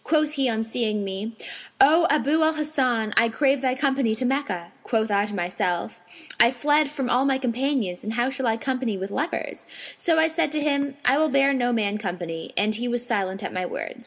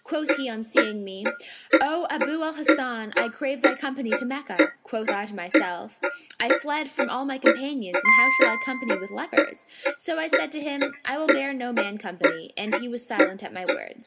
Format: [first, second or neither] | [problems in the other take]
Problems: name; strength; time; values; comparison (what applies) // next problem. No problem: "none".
first | background sound (Piano + Clock); 5 dB above the speech